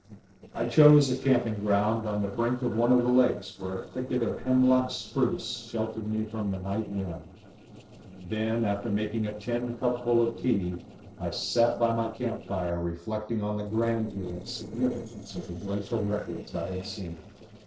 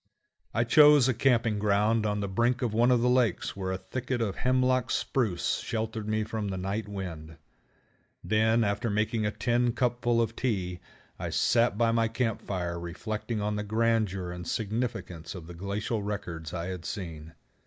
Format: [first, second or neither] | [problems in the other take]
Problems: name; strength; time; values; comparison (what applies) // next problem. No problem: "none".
second | noise reduction (neural separator model SepFormer DNS4)